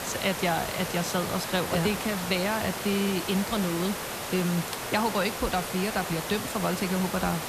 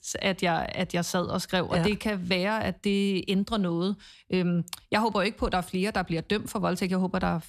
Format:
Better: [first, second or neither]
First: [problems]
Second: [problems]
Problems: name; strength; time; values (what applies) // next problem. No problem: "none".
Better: second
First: hiss; loud; throughout; 4 dB below the speech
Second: none